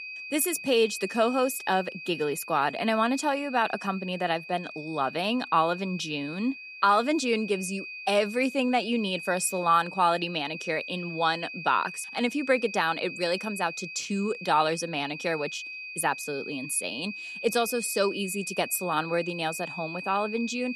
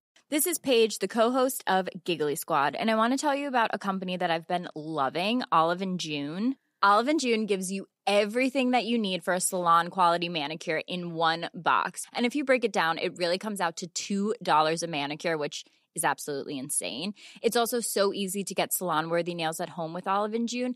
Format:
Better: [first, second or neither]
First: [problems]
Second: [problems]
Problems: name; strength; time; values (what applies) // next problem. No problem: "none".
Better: second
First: high-pitched whine; noticeable; throughout; 2.5 kHz, 10 dB below the speech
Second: none